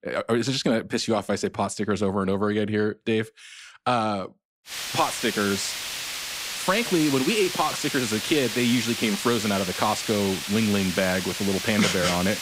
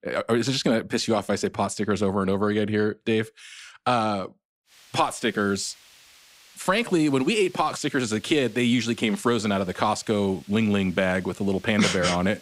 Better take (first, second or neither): second